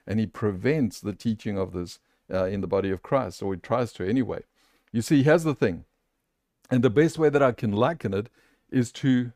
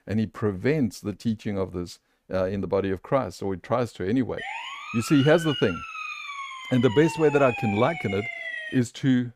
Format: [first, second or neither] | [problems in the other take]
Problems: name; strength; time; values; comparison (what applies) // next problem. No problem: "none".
first | siren; noticeable; from 4.5 to 9 s; peak 6 dB below the speech